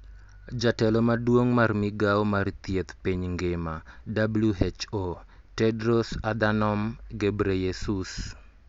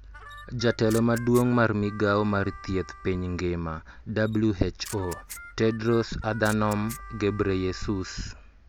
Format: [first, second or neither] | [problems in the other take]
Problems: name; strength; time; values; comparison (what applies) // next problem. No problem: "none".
first | background sound (Harmonica + Camera); 18 dB below the speech